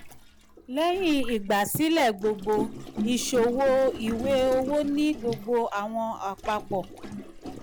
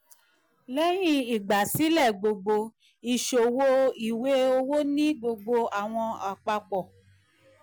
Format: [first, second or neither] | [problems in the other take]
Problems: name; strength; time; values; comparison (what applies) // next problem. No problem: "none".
second | background sound (Gurgling); 10 dB below the speech